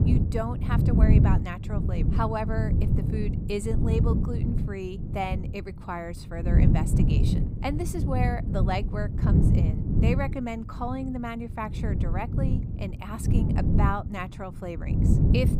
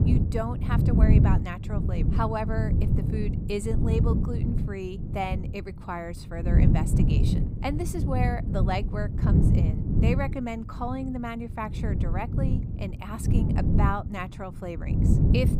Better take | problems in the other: neither | wind noise on the microphone; heavy; 3 dB below the speech; the same in both

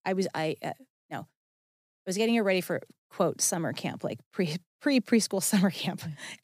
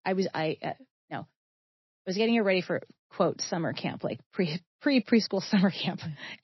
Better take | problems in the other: first | garbled, watery; slightly; nothing above 5.5 kHz

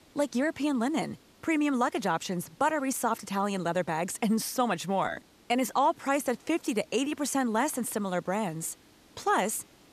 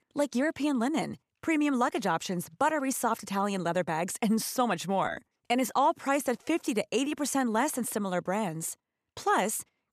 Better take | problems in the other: second | hiss; faint; throughout; 30 dB below the speech

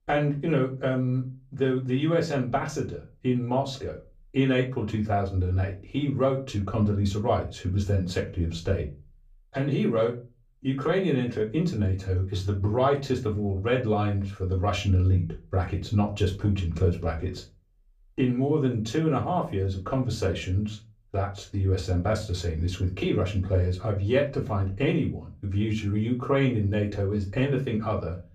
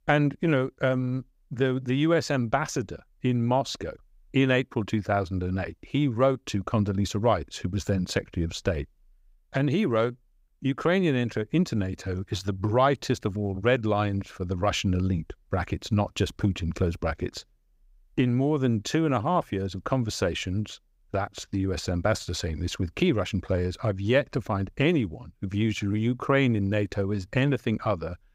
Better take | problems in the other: second | off-mic speech; far // room echo; very slight; dies away in 0.3 s

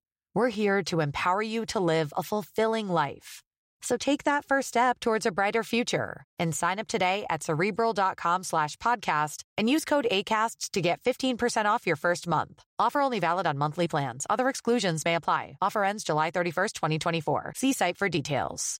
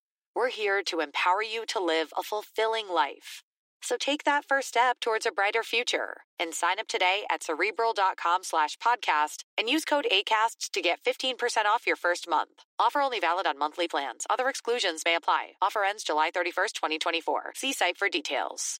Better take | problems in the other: first | thin; somewhat; fading below 300 Hz

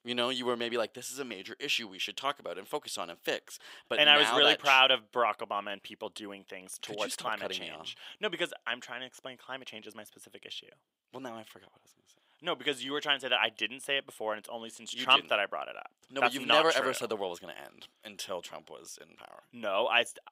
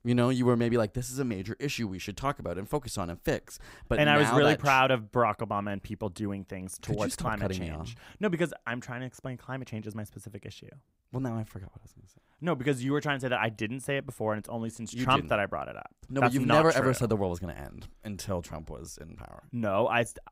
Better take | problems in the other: second | thin; somewhat; fading below 450 Hz

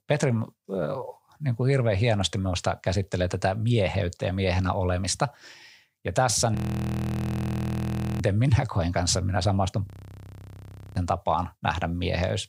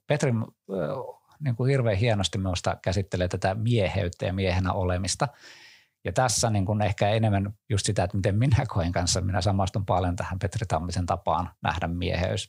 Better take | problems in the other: second | audio freezing; at 6.5 s for 1.5 s and at 10 s for 1 s

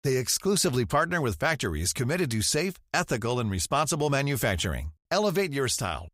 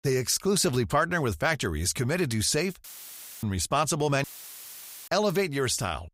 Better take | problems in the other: first | audio cutting out; filled with static; at 3 s for 0.5 s and at 4 s for 1 s

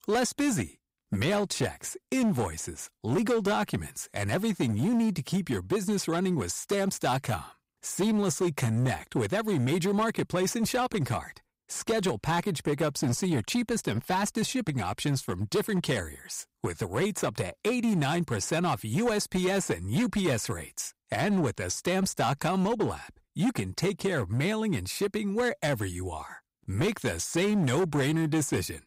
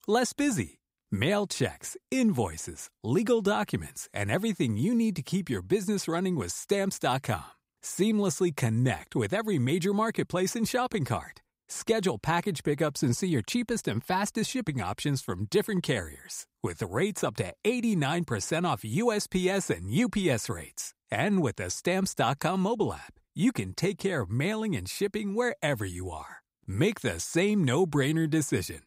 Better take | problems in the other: second | distortion; slight; 10% of the sound clipped

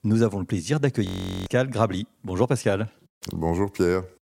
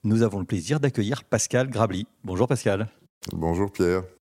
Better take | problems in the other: second | audio freezing; at 1 s

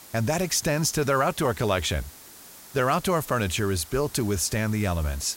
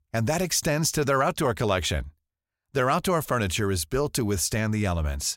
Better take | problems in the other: second | hiss; noticeable; throughout; 20 dB below the speech

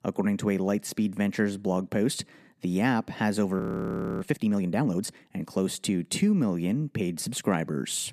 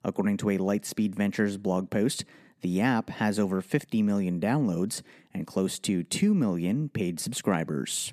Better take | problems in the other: second | audio freezing; at 3.5 s for 0.5 s

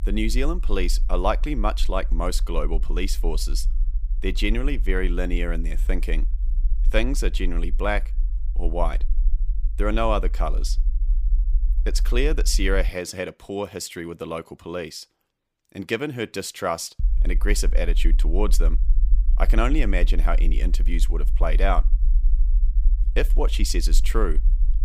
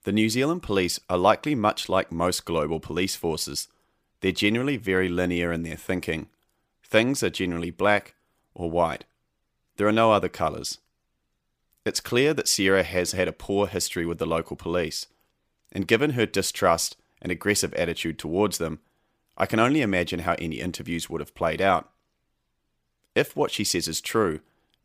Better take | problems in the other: second | low rumble; faint; until 13 s and from 17 s on; 20 dB below the speech

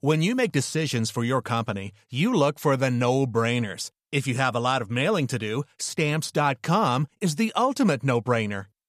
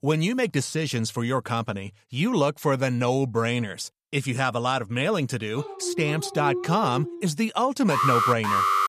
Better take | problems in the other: first | dog barking; noticeable; from 5.5 to 7 s; peak 4 dB below the speech // alarm; loud; at 8 s; peak 4 dB above the speech

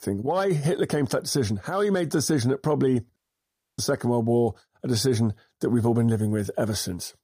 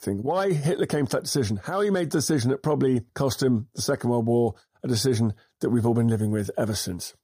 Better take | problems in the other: second | audio cutting out; at 3 s for 0.5 s

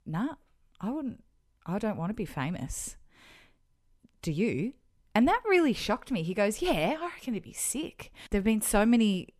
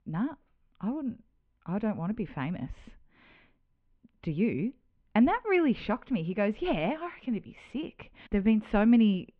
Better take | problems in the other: first | muffled; very; fading above 3 kHz

